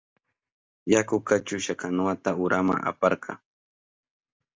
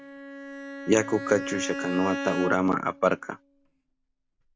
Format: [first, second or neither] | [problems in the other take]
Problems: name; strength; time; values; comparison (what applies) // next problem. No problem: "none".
first | background sound (Bowed string instrument); 8 dB below the speech